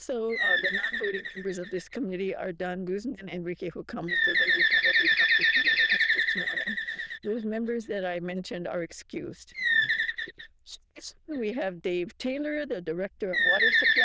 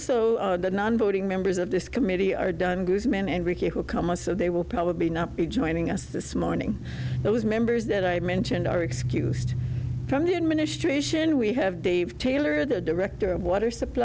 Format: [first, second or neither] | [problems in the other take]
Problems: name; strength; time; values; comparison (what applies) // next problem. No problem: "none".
second | noise reduction (neural diffusion model UNIVERSE++)